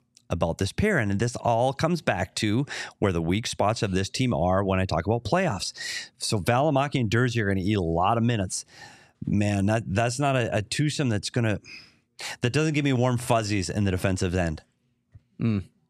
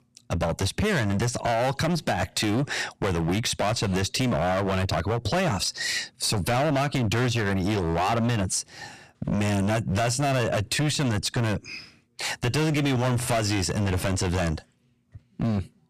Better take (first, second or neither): first